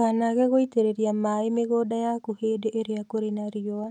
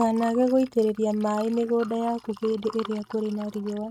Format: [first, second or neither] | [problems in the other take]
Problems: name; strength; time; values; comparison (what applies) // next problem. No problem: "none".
first | noise reduction (neural mask model RNNoise)